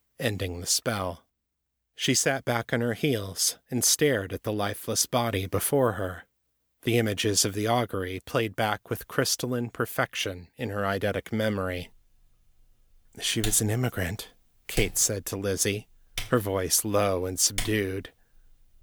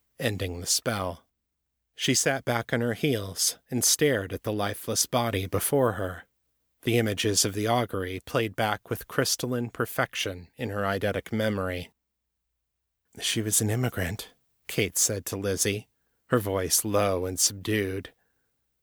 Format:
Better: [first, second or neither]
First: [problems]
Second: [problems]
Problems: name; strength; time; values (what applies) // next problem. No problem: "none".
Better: second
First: keyboard typing; noticeable; from 13 to 18 s; peak 7 dB below the speech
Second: none